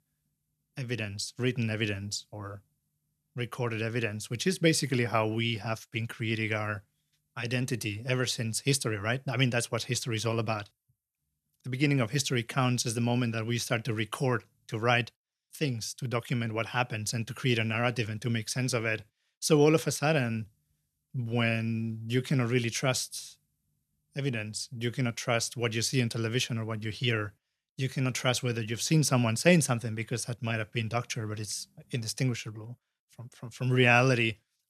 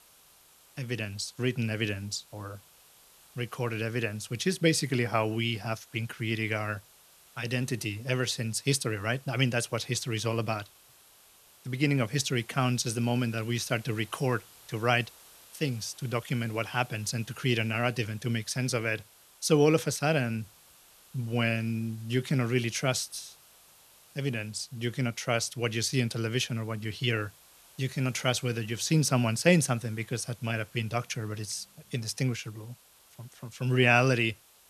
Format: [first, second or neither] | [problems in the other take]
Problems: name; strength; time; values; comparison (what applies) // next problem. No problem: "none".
first | hiss; faint; throughout; 25 dB below the speech